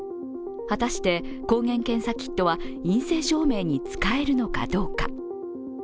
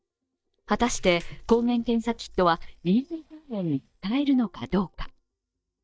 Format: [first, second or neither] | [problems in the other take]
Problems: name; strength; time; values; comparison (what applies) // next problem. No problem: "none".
first | noise reduction (neural mask model DeepFilterNet 3)